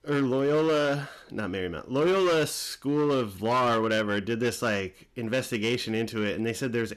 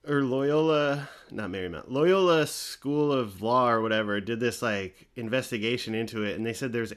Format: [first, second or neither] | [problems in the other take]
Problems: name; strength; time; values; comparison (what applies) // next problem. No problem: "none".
second | distortion; slight; 10% of the sound clipped